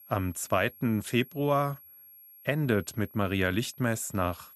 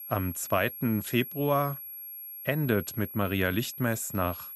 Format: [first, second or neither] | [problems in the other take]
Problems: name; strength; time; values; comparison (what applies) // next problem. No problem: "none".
first | high-pitched whine; loud; throughout; 11.5 kHz, 10 dB below the speech; faint in the first